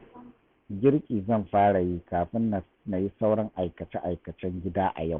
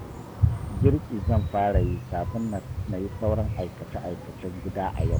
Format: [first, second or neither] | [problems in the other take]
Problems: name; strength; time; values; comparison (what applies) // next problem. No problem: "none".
first | background sound (Dog); 2 dB above the speech